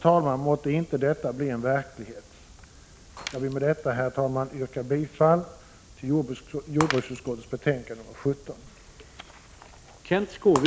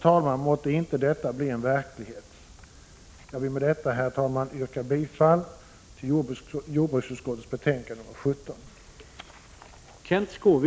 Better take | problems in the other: second | background sound (Shatter); 15 dB below the speech

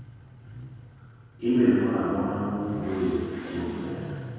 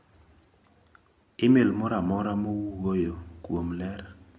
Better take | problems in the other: second | background sound (Motorcycle / Accelerating, revving, vroom); 12 dB below the speech // room echo; dies away in 2.2 s

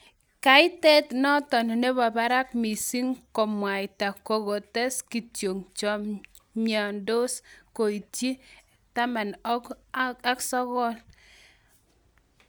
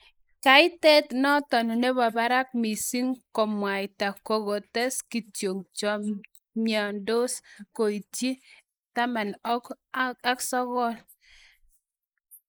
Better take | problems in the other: first | noise reduction (neural mask model Resemble Enhance denoiser)

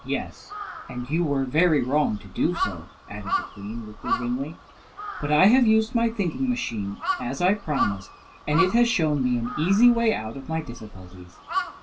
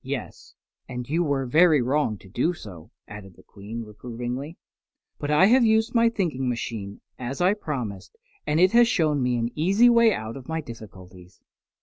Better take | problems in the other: second | background sound (Crow); 9 dB below the speech // room echo; dies away in 0.2 s

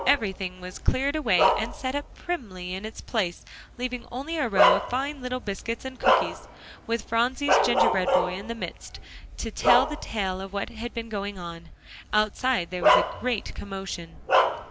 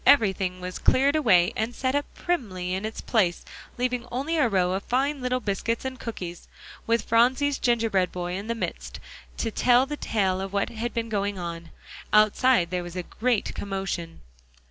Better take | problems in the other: second | background sound (Bark); 1 dB above the speech

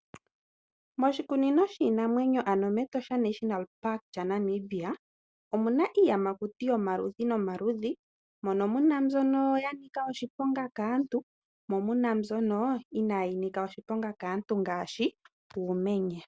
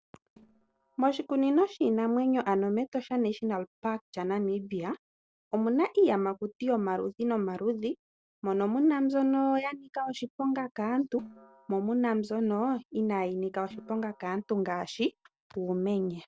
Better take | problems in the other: first | noise reduction (neural separator model SepFormer DNS4)

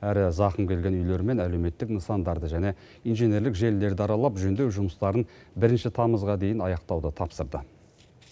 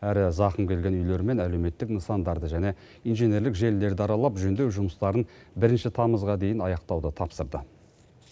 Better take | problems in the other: first | noise reduction (neural mask model Resemble Enhance denoiser)

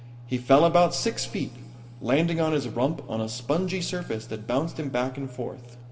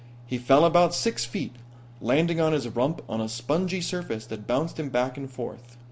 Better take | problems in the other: second | room echo; dies away in 1.8 s

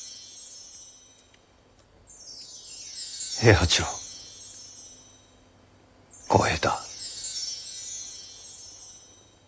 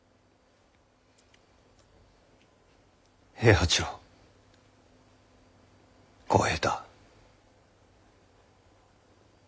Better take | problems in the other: second | background sound (Wind chime); 10 dB below the speech

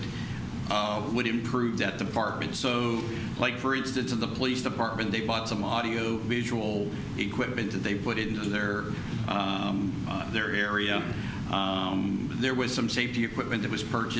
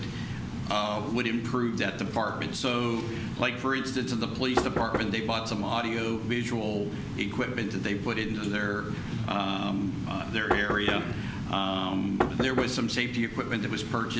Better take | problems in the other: first | background sound (Knock); 5 dB below the speech

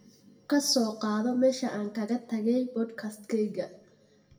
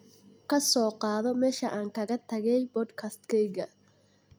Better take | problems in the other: second | room echo; dies away in 0.6 s

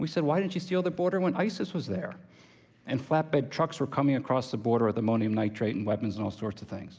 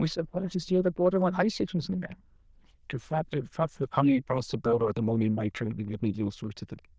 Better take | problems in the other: first | noise reduction (neural diffusion model UNIVERSE++)

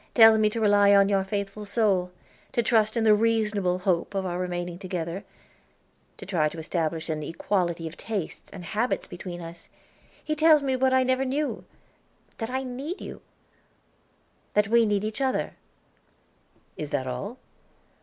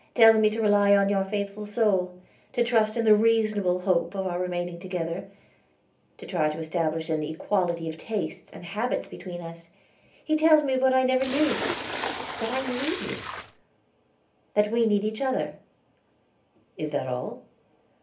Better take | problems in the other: first | background sound (Splash, splatter); 6 dB below the speech // room echo; dies away in 0.3 s

